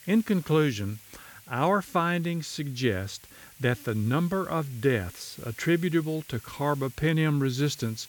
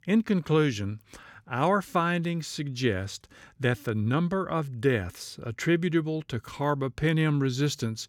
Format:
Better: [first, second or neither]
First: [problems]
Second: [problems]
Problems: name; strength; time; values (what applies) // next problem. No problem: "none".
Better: second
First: hiss; faint; throughout; 20 dB below the speech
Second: none